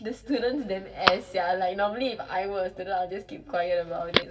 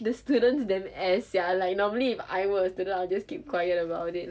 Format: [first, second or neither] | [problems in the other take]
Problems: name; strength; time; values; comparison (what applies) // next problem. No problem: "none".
second | background sound (Telephone); 5 dB below the speech // room echo; dies away in 1.5 s